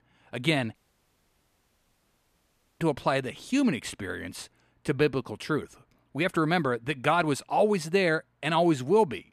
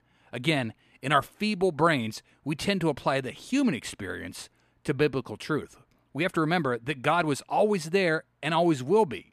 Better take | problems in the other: second | audio cutting out; at 1 s for 2 s

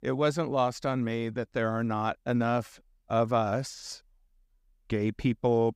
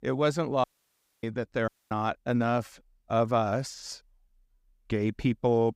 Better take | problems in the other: first | audio cutting out; at 0.5 s for 0.5 s and at 1.5 s

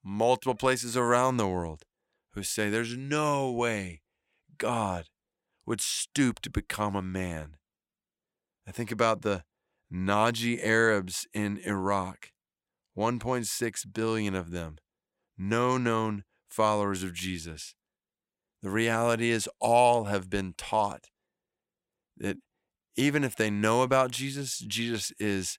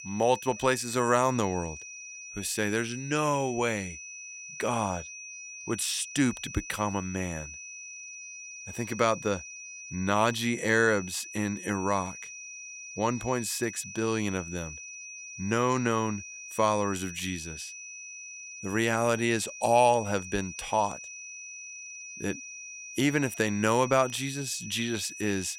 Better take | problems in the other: first | high-pitched whine; noticeable; throughout; 2.5 kHz, 10 dB below the speech

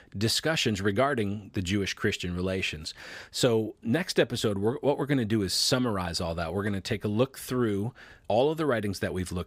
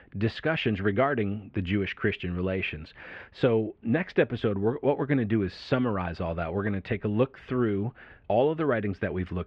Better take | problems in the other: first | muffled; very; fading above 2.5 kHz

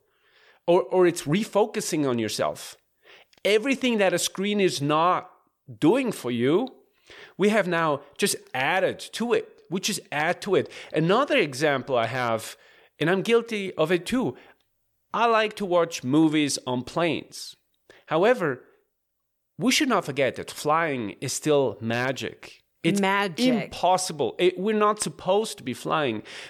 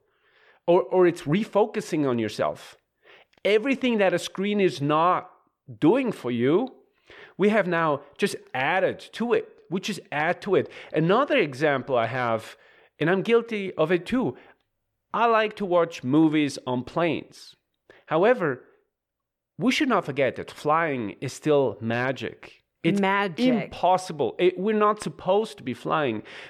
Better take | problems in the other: first | muffled; slightly; fading above 4 kHz

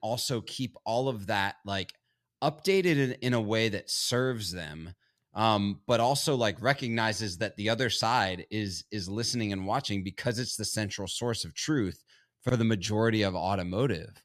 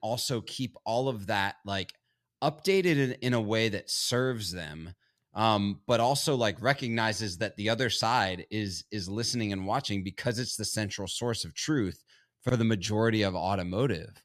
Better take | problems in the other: neither | none

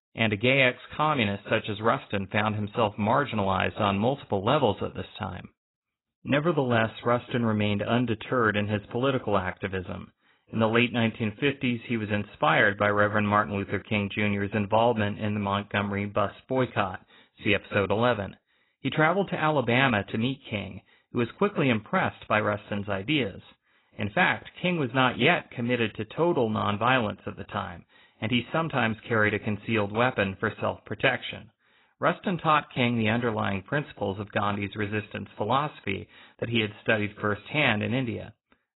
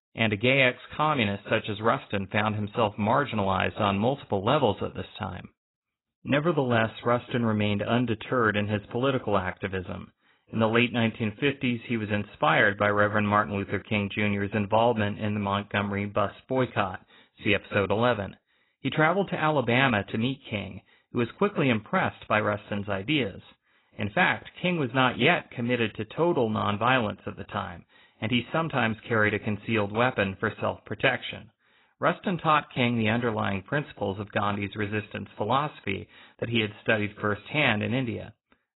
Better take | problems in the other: neither | garbled, watery; badly; nothing above 4 kHz; the same in both

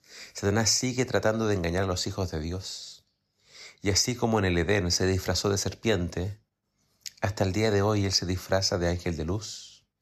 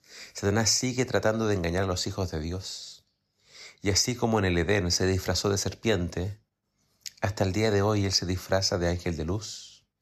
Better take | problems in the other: neither | none

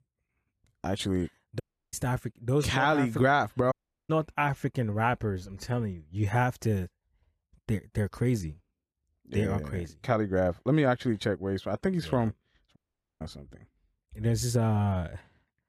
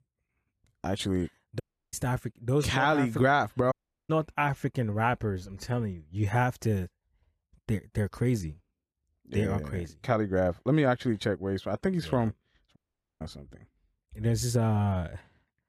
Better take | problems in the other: neither | audio cutting out; at 1.5 s, at 3.5 s and at 13 s; the same in both

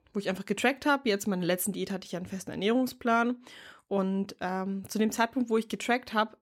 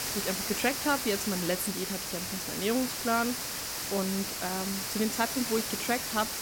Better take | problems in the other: first | hiss; loud; throughout; 1 dB below the speech

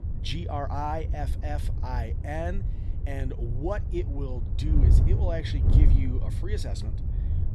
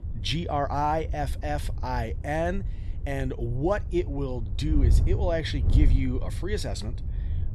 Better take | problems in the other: second | wind noise on the microphone; heavy; 7 dB below the speech; occasional gusts in the second

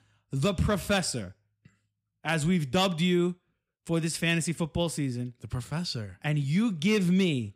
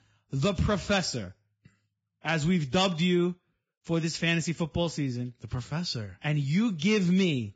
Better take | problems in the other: first | garbled, watery; badly; nothing above 7.5 kHz

